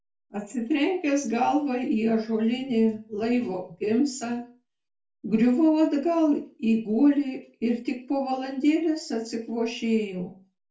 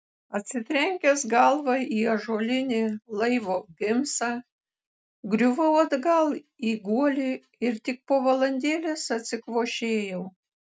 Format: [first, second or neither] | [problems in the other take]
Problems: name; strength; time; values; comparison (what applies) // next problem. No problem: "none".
second | room echo; dies away in 0.3 s